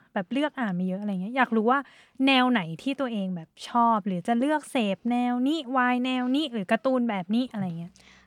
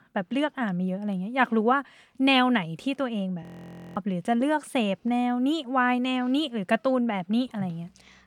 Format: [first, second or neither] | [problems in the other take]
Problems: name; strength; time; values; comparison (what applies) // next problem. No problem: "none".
first | audio freezing; at 3.5 s for 0.5 s